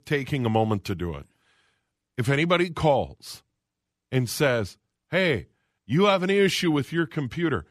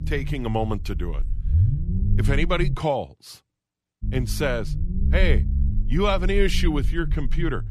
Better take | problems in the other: first | low rumble; noticeable; until 3 s and from 4 s on; 15 dB below the speech

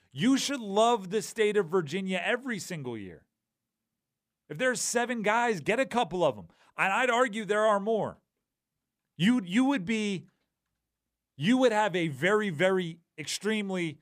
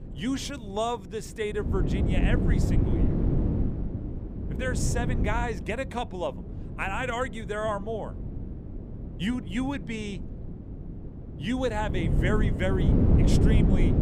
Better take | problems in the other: first | wind noise on the microphone; heavy; 5 dB below the speech

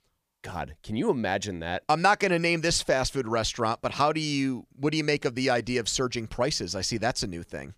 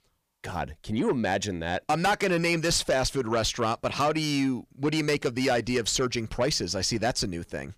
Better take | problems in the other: first | distortion; slight; 10 dB below the speech

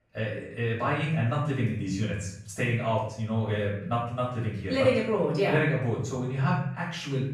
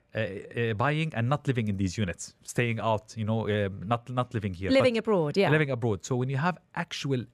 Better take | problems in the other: second | off-mic speech; far // room echo; noticeable; dies away in 0.6 s

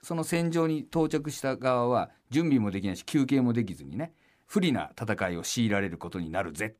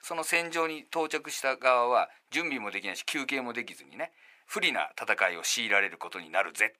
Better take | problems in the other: first | thin; very; fading below 750 Hz

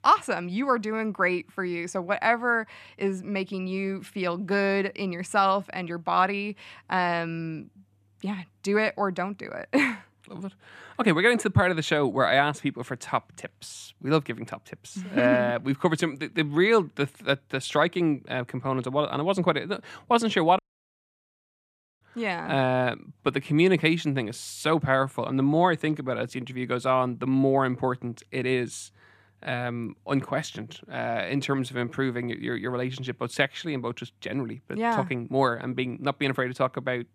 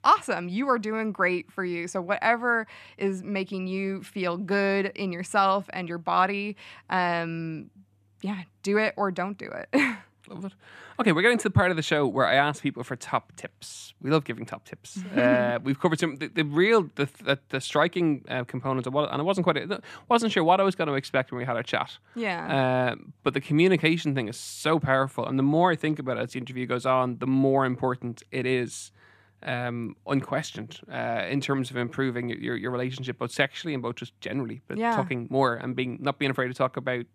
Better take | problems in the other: second | audio cutting out; at 21 s for 1.5 s

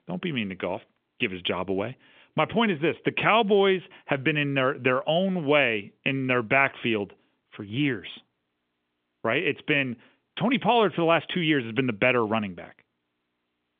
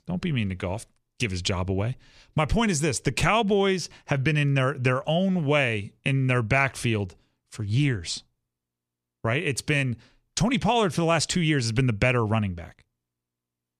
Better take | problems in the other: second | phone-call audio; nothing above 3.5 kHz

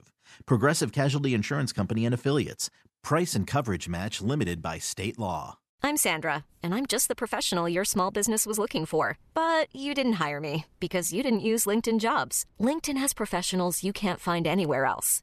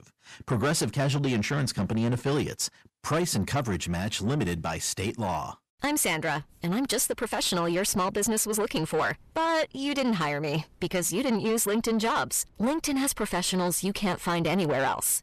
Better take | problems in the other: first | distortion; slight; 10 dB below the speech

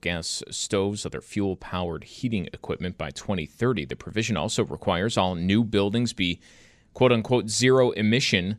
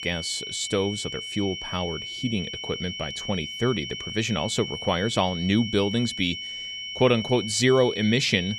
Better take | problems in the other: first | high-pitched whine; loud; throughout; 3 kHz, 7 dB below the speech

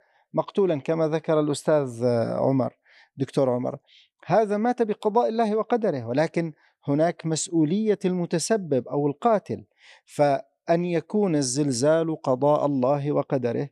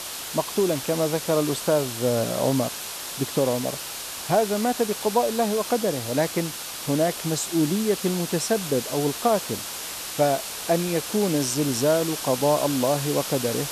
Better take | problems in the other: first | hiss; loud; throughout; 6 dB below the speech

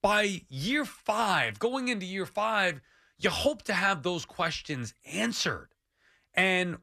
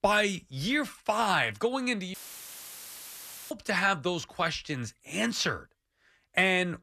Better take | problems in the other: first | audio cutting out; filled with static; at 2 s for 1.5 s

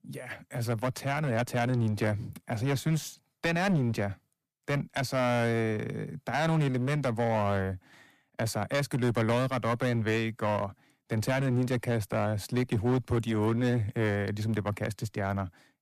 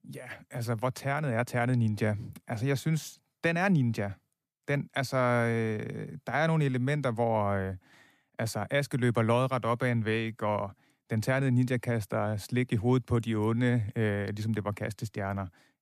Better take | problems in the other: second | distortion; slight; 14% of the sound clipped

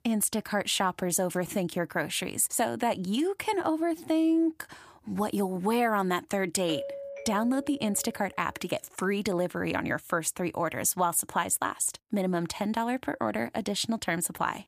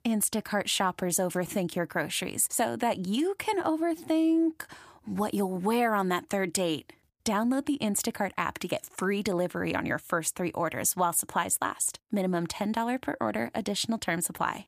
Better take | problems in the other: second | doorbell; noticeable; from 6.5 to 8.5 s; peak 7 dB below the speech

